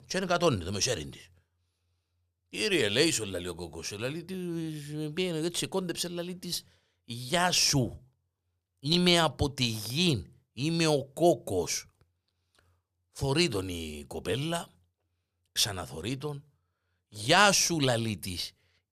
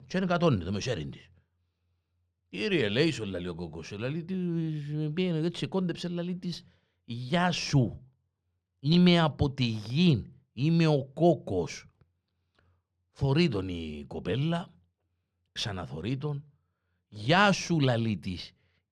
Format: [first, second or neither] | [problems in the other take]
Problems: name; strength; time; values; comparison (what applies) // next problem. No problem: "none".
first | muffled; slightly; fading above 3.5 kHz